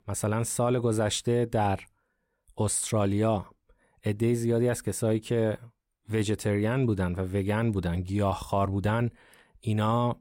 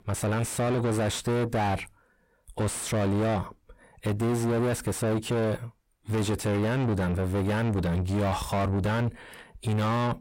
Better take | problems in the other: first | distortion; heavy; 7 dB below the speech

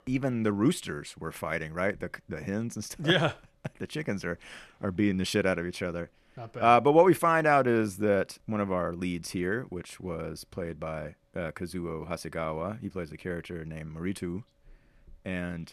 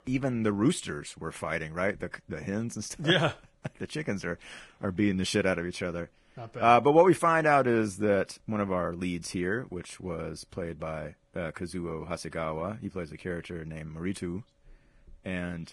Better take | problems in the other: first | garbled, watery; badly; nothing above 10.5 kHz

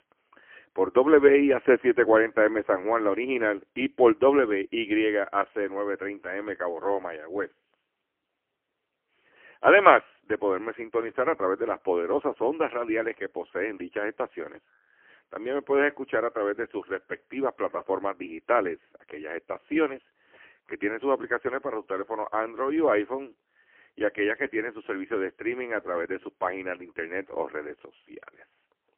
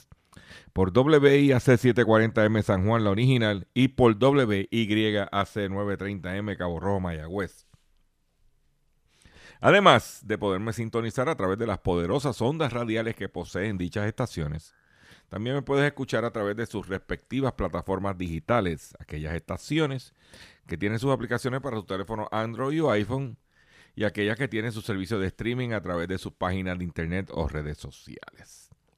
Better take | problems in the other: second | phone-call audio; poor line; nothing above 3 kHz

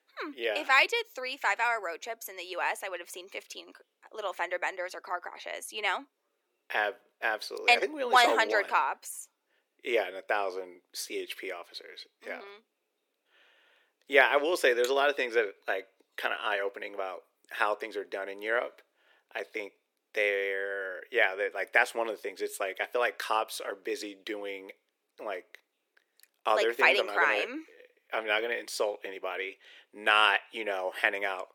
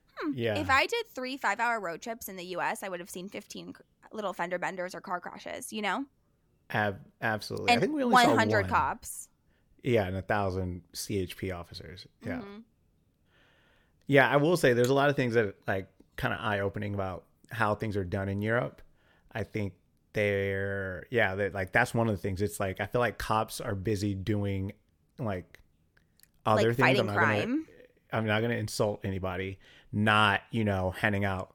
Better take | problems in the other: second | thin; very; fading below 350 Hz

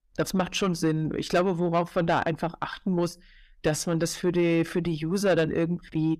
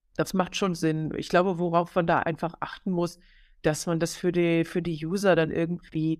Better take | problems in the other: second | distortion; slight; 10 dB below the speech

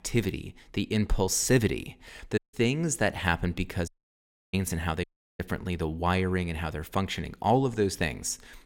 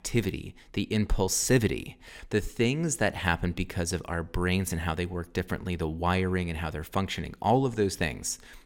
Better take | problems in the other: second | audio cutting out; at 2.5 s, at 4 s for 0.5 s and at 5 s

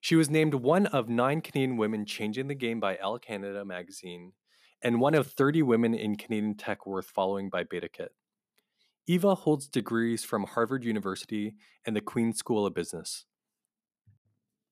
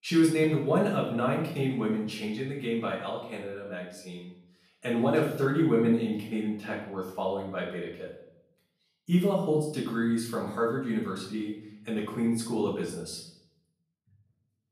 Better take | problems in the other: first | off-mic speech; far // room echo; noticeable; dies away in 0.6 s

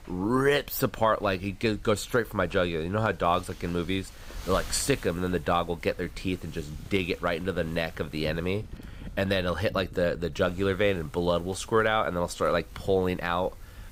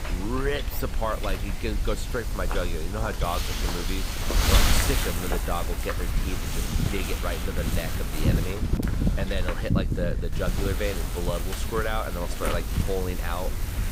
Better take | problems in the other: first | wind noise on the microphone; heavy; 1 dB below the speech; occasional gusts in the first

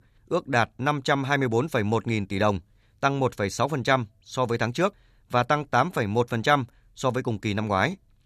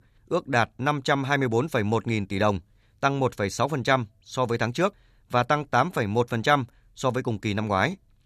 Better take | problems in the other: neither | none

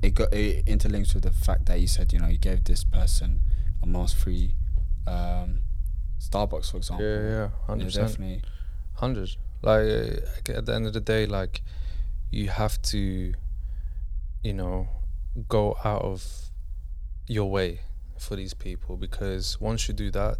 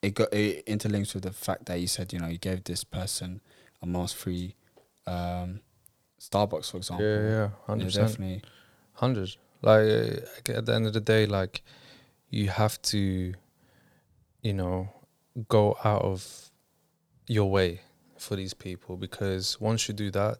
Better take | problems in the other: second | low rumble; faint; throughout; 25 dB below the speech

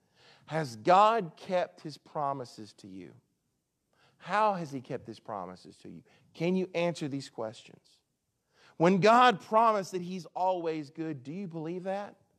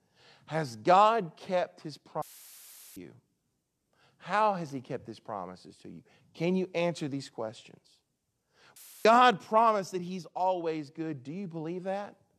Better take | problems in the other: first | audio cutting out; filled with static; at 2 s for 0.5 s and at 9 s

